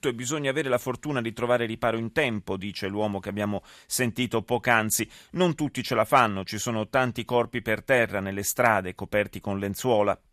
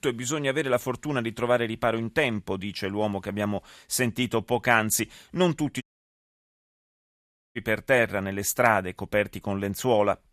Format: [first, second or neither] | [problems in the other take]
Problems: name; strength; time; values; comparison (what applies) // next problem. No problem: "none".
first | audio cutting out; at 6 s for 1.5 s